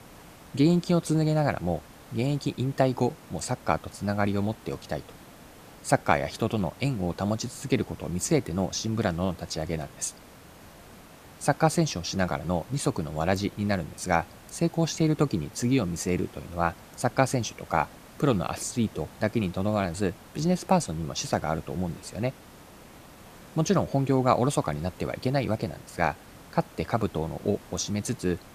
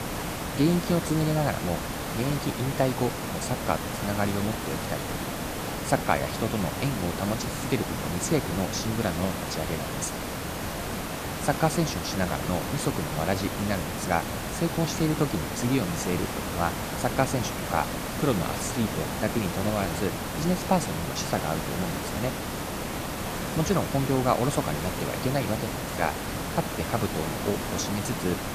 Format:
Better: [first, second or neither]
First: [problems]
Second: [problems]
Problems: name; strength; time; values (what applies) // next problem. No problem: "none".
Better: first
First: hiss; faint; throughout; 20 dB below the speech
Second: hiss; loud; throughout; 2 dB below the speech